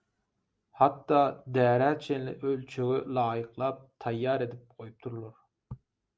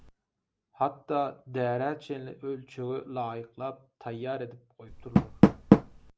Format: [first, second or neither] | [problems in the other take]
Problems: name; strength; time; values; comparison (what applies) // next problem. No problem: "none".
first | background sound (Door); 5 dB above the speech